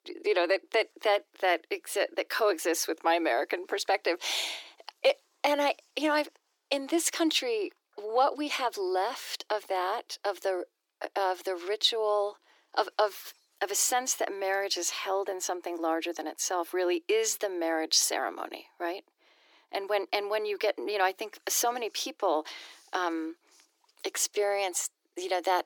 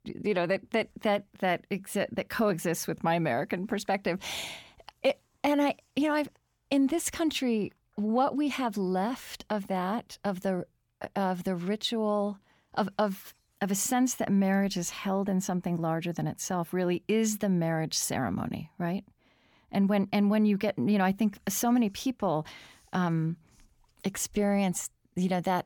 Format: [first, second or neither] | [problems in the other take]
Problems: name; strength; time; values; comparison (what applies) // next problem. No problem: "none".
second | thin; very; fading below 300 Hz